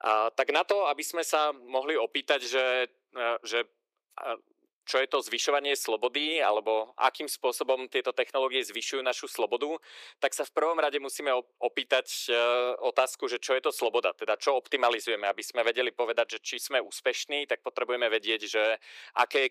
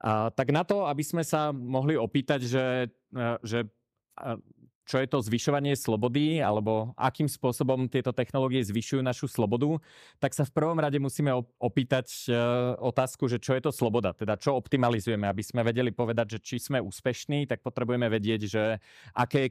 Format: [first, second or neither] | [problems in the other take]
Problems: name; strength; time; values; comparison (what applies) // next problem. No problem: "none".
second | thin; very; fading below 400 Hz